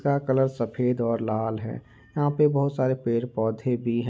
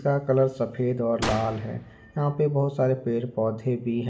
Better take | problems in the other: first | background sound (Gunshot, gunfire); 13 dB below the speech // room echo; dies away in 2.1 s

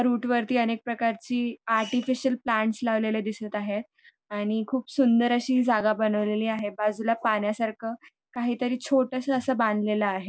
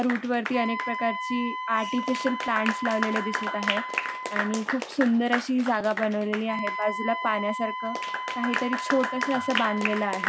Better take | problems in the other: first | background sound (Wind instrument, woodwind instrument + Applause / Clapping); 3 dB below the speech

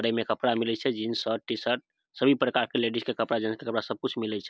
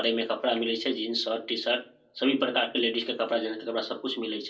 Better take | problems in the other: first | room echo; dies away in 0.3 s

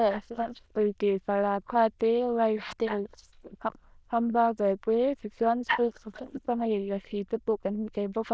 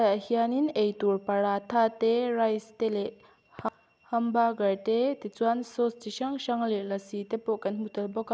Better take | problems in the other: second | noise reduction (neural diffusion model UNIVERSE++)

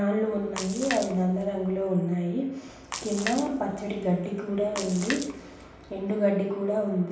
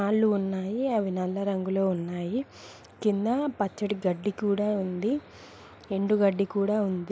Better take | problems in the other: second | background sound (Splash, splatter); 12 dB below the speech // room echo; dies away in 0.9 s

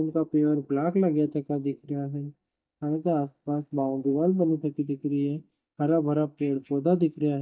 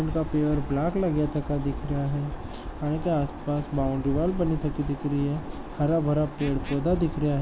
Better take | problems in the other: second | noise reduction (neural mask model DeepFilterNet 3)

